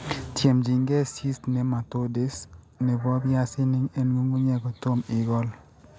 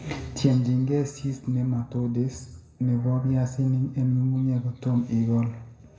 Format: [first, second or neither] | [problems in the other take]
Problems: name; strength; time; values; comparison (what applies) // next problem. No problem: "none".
first | room echo; dies away in 0.7 s